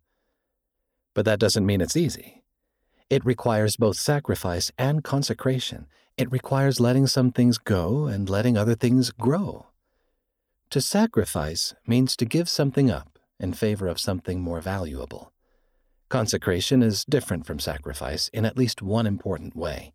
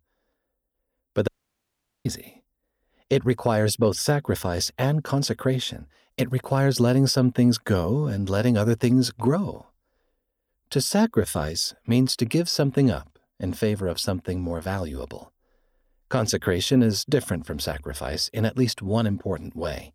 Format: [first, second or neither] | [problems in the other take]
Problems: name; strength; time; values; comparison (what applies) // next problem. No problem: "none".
first | audio cutting out; at 1.5 s for 1 s